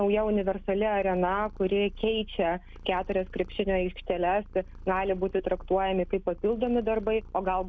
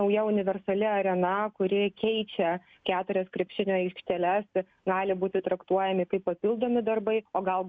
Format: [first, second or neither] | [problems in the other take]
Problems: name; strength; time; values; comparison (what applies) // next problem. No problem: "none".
second | background sound (Purr); 15 dB below the speech